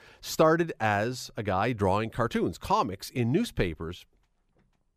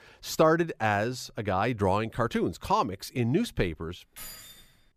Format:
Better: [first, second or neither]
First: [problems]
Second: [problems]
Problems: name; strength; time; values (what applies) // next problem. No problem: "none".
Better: first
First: none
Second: jangling keys; faint; at 4 s; peak 15 dB below the speech